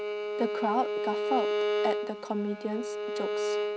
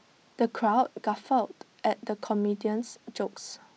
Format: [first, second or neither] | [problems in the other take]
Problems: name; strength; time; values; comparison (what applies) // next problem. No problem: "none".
second | background sound (Bowed string instrument); 2 dB above the speech